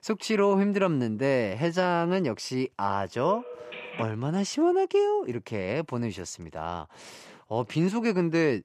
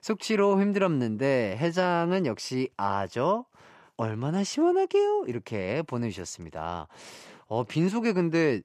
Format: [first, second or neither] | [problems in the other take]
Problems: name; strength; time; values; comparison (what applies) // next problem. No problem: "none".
second | phone ringing; faint; at 3 s; peak 10 dB below the speech